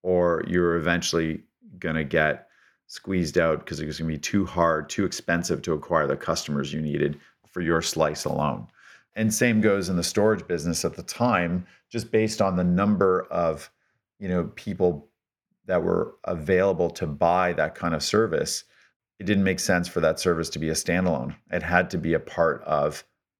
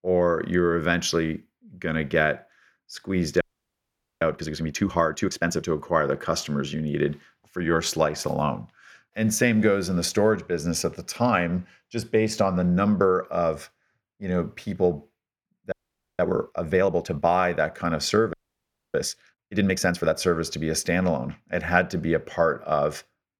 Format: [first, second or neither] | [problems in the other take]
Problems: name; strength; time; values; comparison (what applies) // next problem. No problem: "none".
first | audio freezing; at 3.5 s for 1 s, at 16 s and at 18 s for 0.5 s